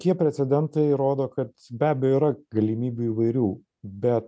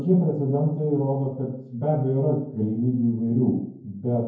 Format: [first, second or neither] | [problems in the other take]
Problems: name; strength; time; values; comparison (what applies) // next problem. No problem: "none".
first | room echo; dies away in 0.9 s